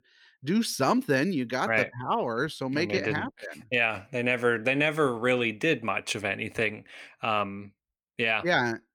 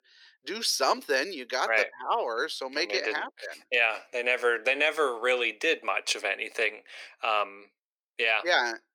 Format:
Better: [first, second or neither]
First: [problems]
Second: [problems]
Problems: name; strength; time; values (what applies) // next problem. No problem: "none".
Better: first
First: none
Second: thin; very; fading below 400 Hz